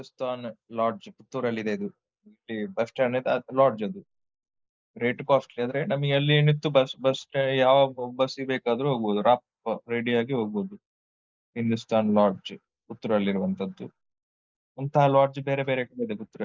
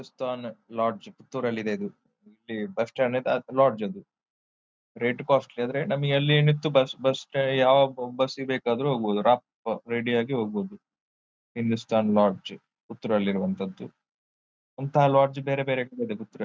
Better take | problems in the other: second | noise reduction (neural mask model Resemble Enhance denoiser)

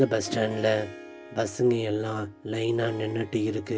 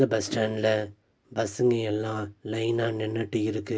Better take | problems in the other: second | background sound (Harp); 18 dB below the speech

